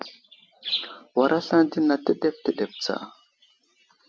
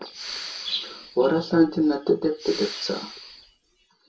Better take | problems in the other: first | background sound (Respiratory sounds); 13 dB below the speech // room echo; dies away in 0.2 s

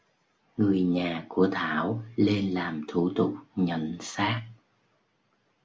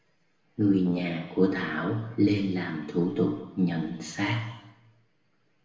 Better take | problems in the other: first | background sound (Brass instrument); 20 dB below the speech // room echo; dies away in 1 s

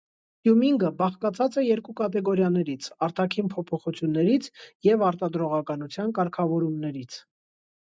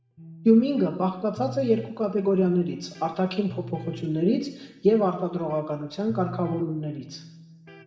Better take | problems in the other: first | background sound (Electric guitar); 17 dB below the speech // room echo; dies away in 0.9 s

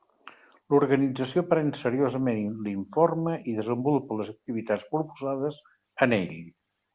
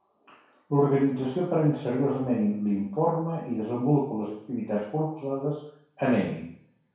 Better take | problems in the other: first | room echo; dies away in 0.6 s

